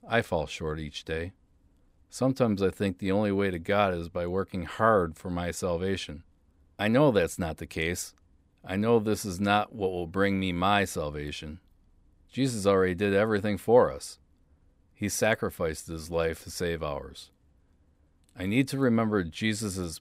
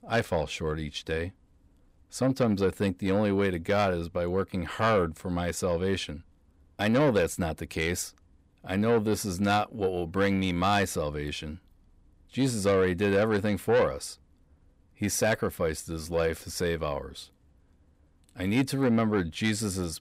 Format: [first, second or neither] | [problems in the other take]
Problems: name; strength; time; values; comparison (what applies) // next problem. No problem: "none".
first | distortion; slight; 10 dB below the speech